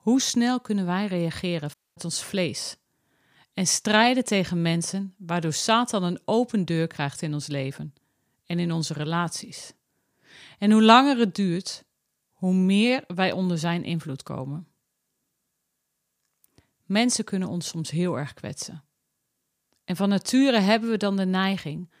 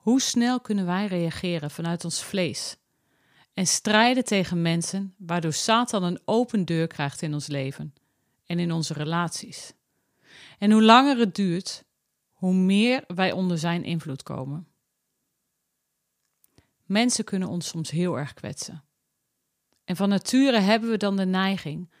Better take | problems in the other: second | audio cutting out; at 1.5 s

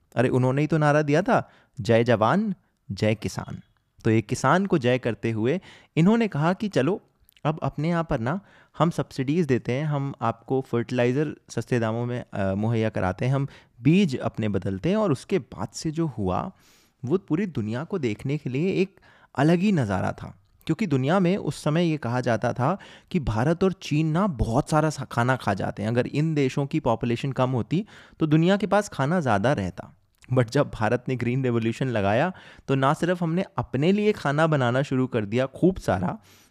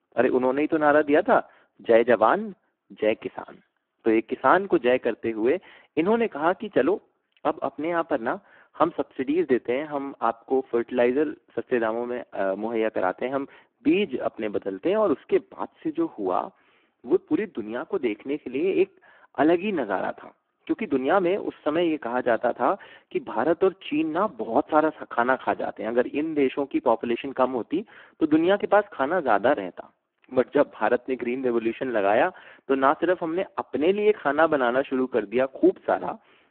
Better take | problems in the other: first | phone-call audio; poor line

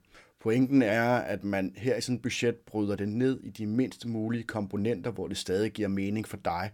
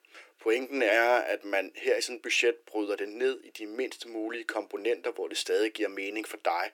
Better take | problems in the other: first | thin; very; fading below 350 Hz

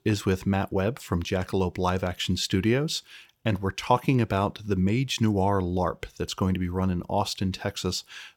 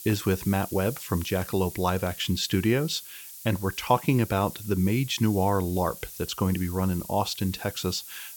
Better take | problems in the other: first | hiss; noticeable; throughout; 15 dB below the speech

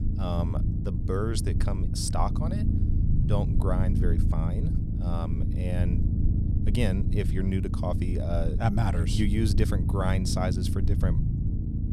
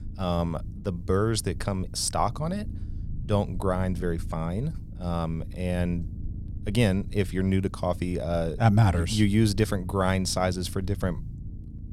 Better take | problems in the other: second | low rumble; loud; throughout; 5 dB below the speech; faint in the second

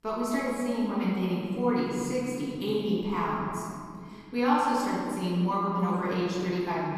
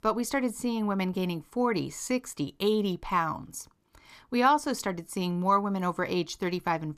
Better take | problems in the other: second | off-mic speech; far // room echo; strong; dies away in 2.3 s

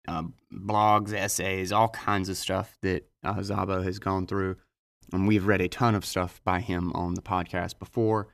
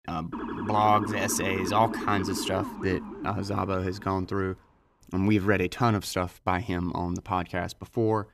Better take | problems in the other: first | siren; noticeable; until 4 s; peak 5 dB below the speech

